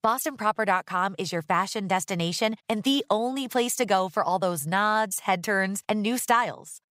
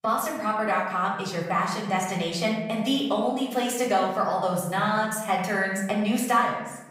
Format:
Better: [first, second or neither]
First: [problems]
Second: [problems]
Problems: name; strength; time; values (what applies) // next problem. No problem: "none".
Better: first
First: none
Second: off-mic speech; far // room echo; noticeable; dies away in 0.9 s